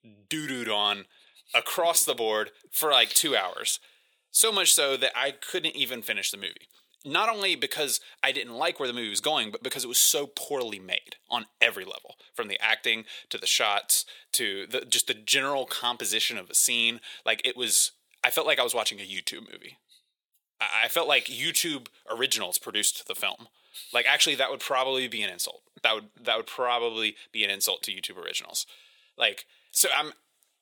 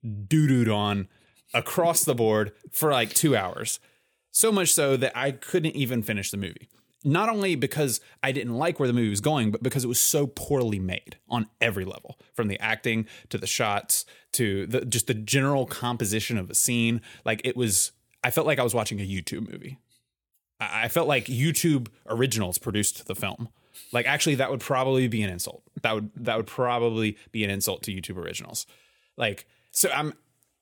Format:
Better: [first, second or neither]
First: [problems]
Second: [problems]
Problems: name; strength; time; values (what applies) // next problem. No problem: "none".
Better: second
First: thin; very; fading below 550 Hz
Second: none